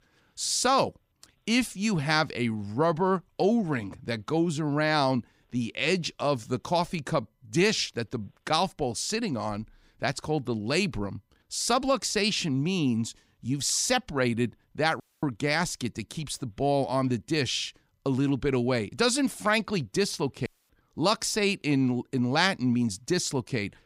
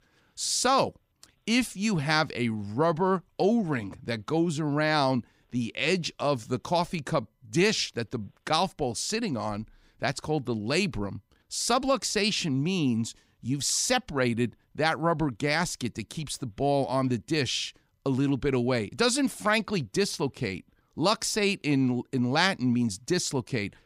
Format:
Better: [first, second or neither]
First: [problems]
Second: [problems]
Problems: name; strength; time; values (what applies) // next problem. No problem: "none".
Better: second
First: audio cutting out; at 15 s and at 20 s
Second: none